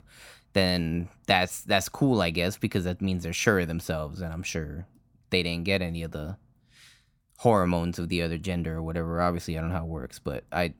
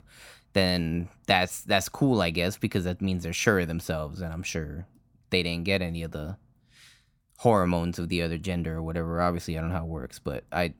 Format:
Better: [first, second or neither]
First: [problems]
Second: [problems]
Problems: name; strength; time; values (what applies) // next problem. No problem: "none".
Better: neither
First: none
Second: none